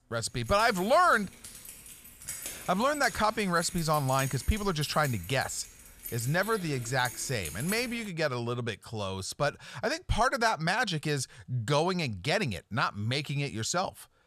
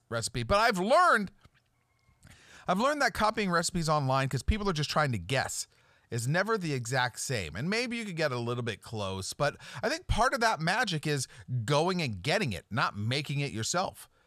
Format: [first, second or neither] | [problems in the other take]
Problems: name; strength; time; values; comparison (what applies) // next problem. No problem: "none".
second | jangling keys; noticeable; until 8 s; peak 8 dB below the speech